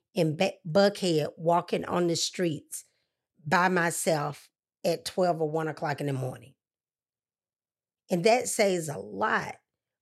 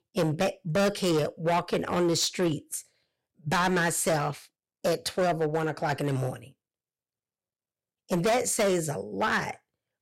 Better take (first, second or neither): first